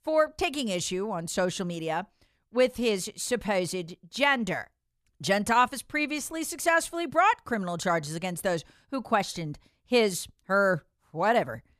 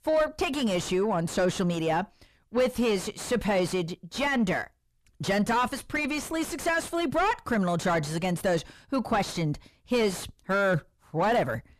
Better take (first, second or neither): first